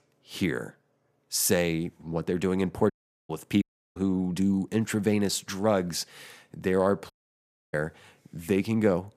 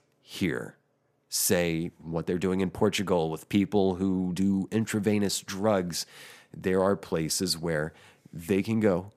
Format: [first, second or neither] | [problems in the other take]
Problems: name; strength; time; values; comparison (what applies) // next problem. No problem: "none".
second | audio cutting out; at 3 s, at 3.5 s and at 7 s for 0.5 s